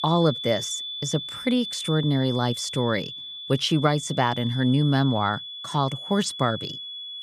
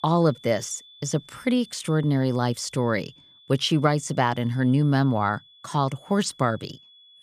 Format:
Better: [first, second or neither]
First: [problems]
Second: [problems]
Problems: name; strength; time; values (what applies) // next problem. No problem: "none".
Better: second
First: high-pitched whine; loud; throughout; 3.5 kHz, 8 dB below the speech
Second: high-pitched whine; faint; throughout; 3.5 kHz, 25 dB below the speech